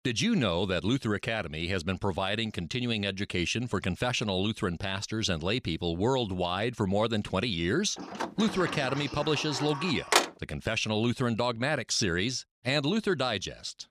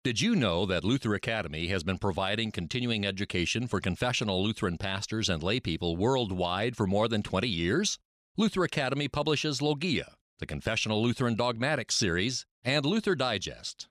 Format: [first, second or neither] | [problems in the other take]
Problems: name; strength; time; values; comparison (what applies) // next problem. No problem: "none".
second | door banging; loud; from 8 to 10 s; peak 4 dB above the speech